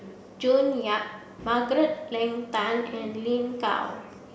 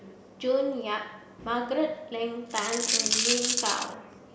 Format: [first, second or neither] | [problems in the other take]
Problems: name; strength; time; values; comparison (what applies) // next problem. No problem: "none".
first | background sound (Coin (dropping)); 4 dB above the speech